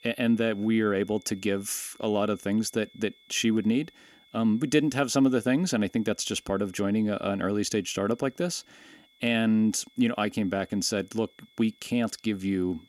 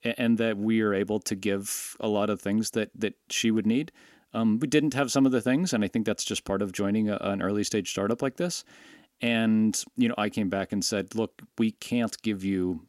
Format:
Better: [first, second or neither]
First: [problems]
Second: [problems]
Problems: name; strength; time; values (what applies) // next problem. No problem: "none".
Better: second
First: high-pitched whine; faint; throughout; 3.5 kHz, 30 dB below the speech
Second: none